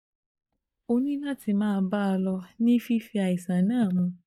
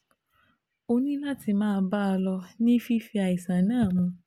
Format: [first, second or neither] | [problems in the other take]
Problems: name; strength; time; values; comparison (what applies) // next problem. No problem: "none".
second | noise reduction (neural mask model DeepFilterNet 3)